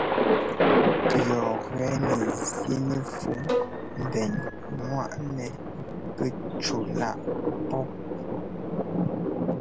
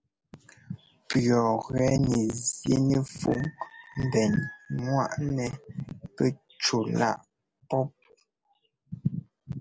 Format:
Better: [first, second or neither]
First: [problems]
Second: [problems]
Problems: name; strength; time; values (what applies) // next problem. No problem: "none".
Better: second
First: background sound (Bowed string instrument + Thunder); 4 dB above the speech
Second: none